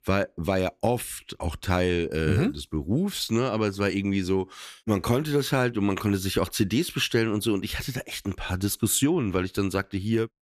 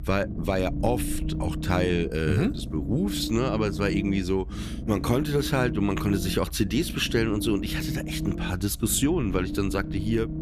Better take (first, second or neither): first